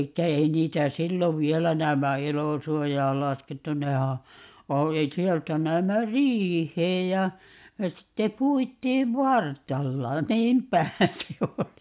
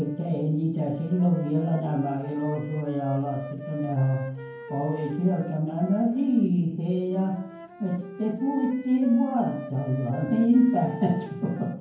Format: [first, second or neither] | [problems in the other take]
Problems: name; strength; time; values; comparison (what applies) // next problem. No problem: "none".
first | background sound (Wind instrument, woodwind instrument); 15 dB below the speech // room echo; dies away in 0.9 s